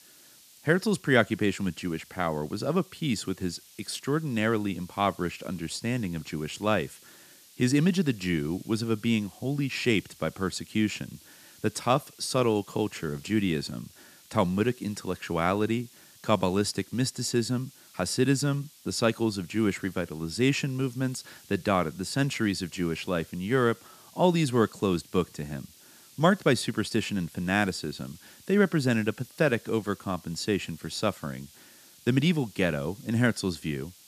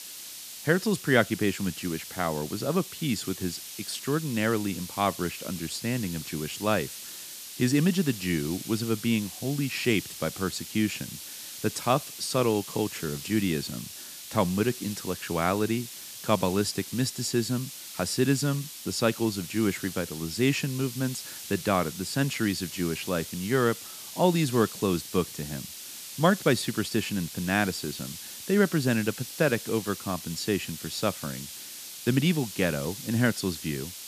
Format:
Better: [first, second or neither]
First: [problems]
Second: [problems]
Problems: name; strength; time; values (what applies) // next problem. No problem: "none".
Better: first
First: hiss; faint; throughout; 25 dB below the speech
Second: hiss; loud; throughout; 10 dB below the speech